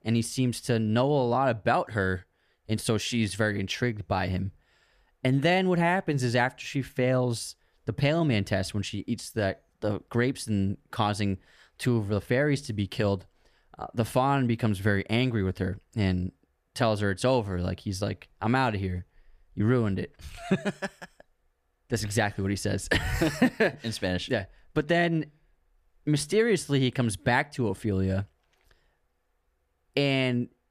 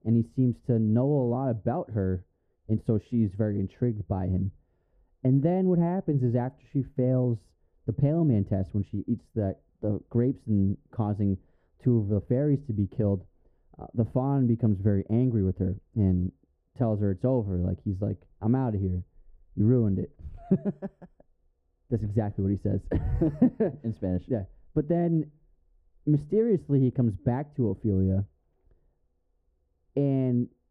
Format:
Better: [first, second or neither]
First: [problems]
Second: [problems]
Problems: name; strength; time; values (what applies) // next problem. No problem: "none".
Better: first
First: none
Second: muffled; very; fading above 1 kHz